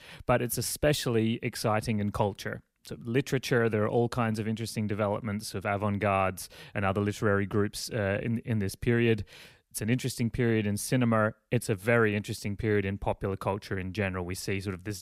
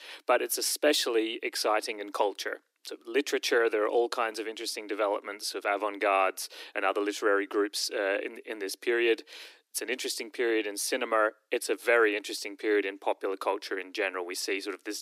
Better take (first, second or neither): first